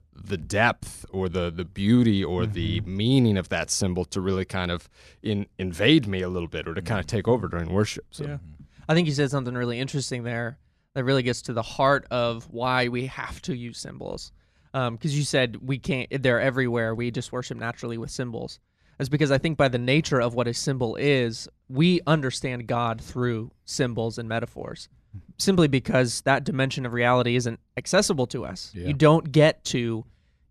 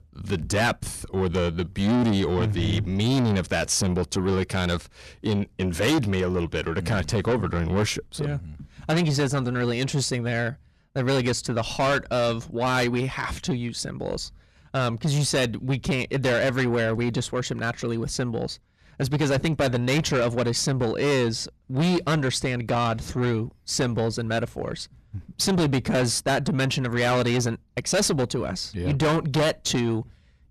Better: first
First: none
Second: distortion; heavy; 6 dB below the speech

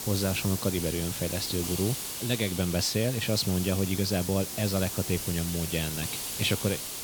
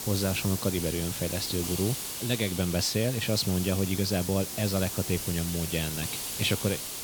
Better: neither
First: hiss; loud; throughout; 4 dB below the speech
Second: hiss; loud; throughout; 4 dB below the speech

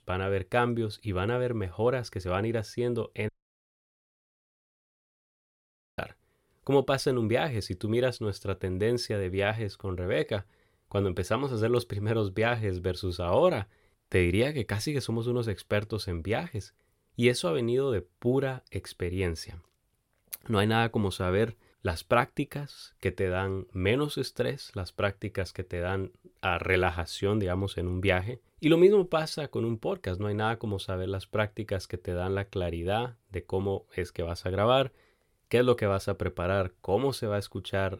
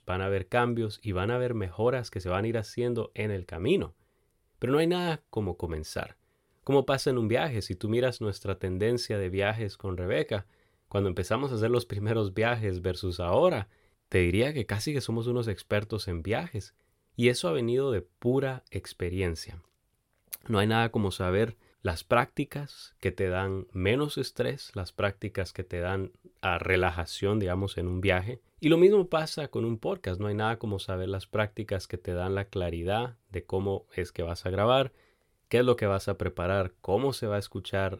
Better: second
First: audio cutting out; at 3.5 s for 2.5 s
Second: none

